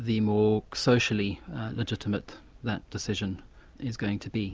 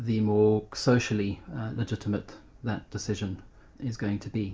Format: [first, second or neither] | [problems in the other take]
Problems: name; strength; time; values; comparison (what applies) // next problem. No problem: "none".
first | room echo; dies away in 0.3 s